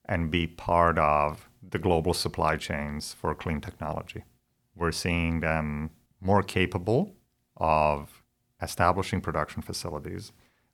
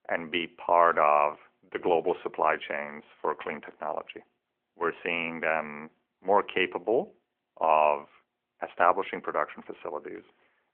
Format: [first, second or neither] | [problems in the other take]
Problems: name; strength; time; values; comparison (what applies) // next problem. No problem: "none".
first | phone-call audio; nothing above 3 kHz